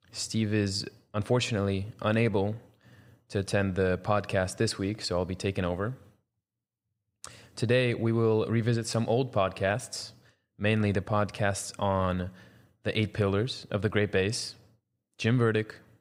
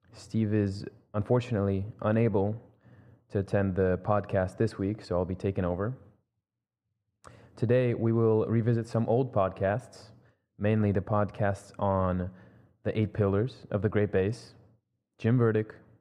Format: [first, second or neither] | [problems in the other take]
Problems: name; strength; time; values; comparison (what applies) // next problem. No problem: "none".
first | muffled; very; fading above 2 kHz